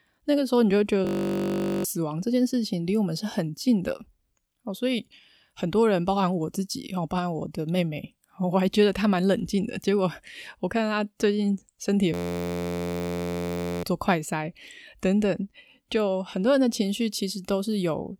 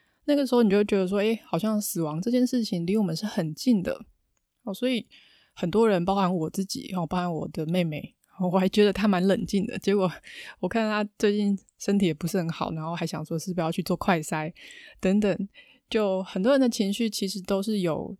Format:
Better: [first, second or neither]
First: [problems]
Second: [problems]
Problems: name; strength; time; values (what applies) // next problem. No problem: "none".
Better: second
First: audio freezing; at 1 s for 1 s and at 12 s for 1.5 s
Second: none